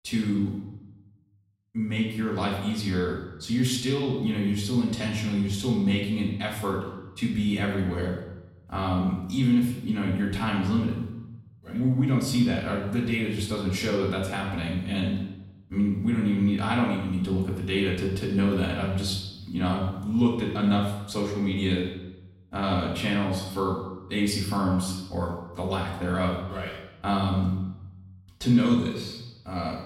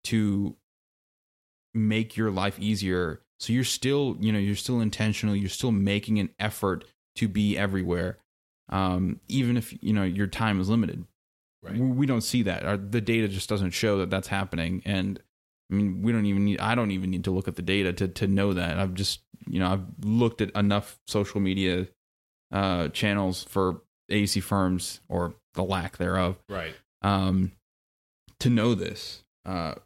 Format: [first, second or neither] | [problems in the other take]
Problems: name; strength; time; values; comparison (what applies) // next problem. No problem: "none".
second | off-mic speech; far // room echo; noticeable; dies away in 0.9 s